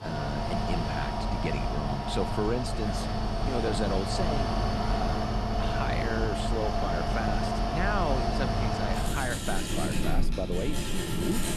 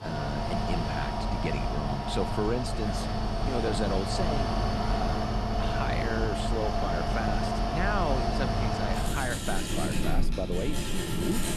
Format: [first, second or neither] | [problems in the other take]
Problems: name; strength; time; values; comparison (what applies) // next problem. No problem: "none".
neither | machinery noise; very loud; throughout; 4 dB above the speech; the same in both